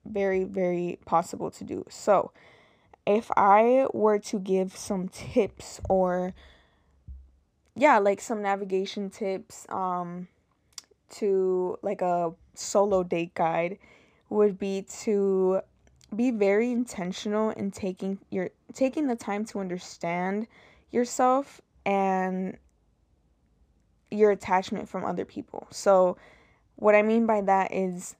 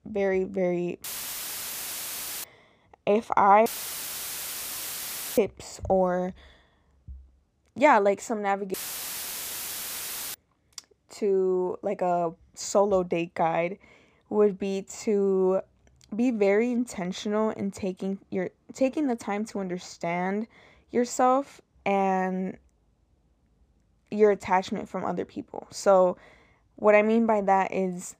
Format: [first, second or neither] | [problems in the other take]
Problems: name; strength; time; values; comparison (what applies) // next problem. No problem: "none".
first | audio cutting out; filled with static; at 1 s for 1.5 s, at 3.5 s for 1.5 s and at 8.5 s for 1.5 s